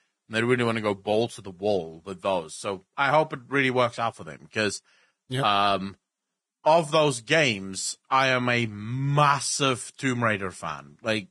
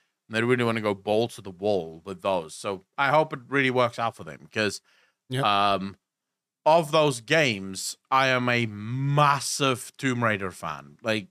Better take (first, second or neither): second